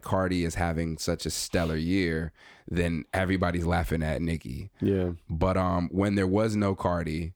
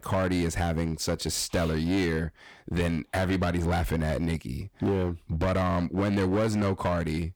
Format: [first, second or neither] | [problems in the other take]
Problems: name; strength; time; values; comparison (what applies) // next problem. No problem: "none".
first | distortion; slight; 14% of the sound clipped